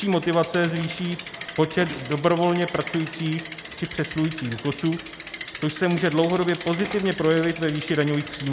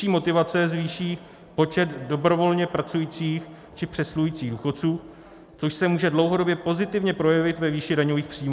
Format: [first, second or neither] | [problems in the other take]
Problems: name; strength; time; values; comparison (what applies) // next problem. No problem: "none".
second | background sound (Bicycle); 13 dB below the speech